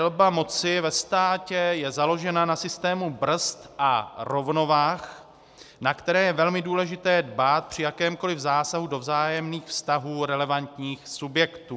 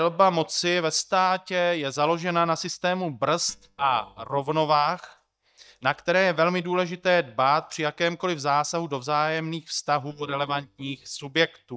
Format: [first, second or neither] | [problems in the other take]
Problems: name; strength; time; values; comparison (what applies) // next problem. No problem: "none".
first | noise reduction (neural mask model DeepFilterNet 3)